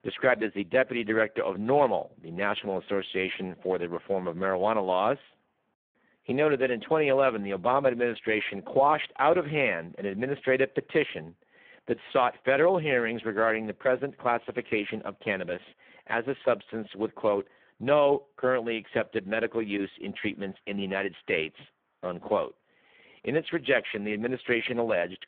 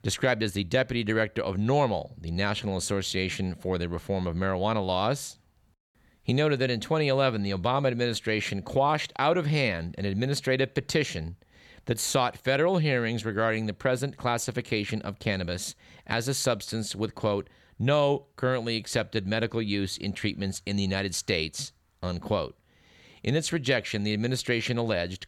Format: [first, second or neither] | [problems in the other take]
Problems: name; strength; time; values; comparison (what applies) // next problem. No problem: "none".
second | phone-call audio; poor line